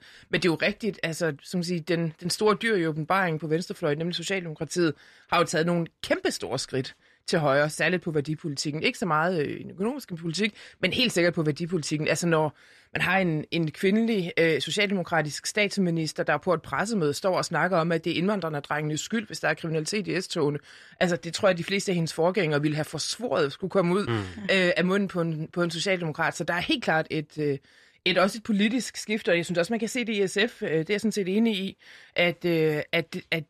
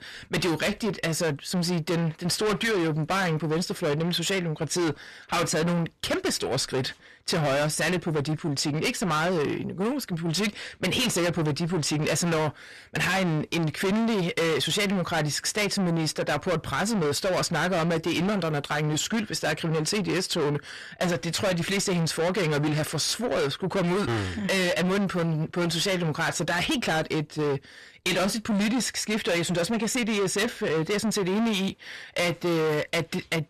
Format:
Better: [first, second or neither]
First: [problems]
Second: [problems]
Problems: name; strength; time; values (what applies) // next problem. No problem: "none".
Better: first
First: none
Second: distortion; heavy; 6 dB below the speech